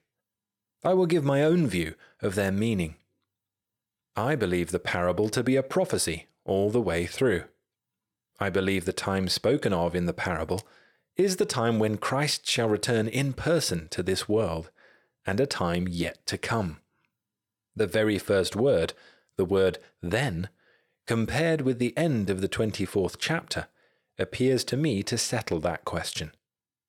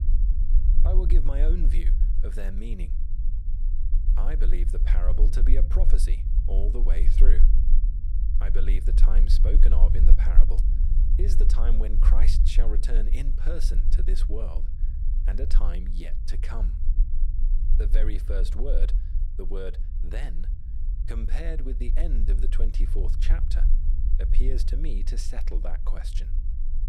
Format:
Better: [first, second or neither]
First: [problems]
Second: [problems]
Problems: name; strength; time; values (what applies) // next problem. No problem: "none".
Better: first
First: none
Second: low rumble; loud; throughout; 8 dB below the speech